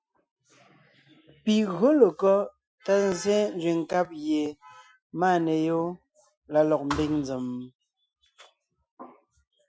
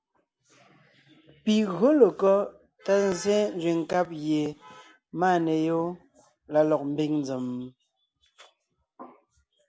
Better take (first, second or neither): second